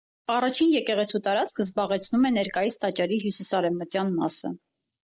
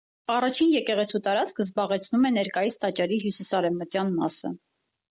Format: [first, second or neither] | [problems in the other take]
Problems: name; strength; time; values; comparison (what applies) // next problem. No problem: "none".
second | noise reduction (neural mask model Resemble Enhance denoiser)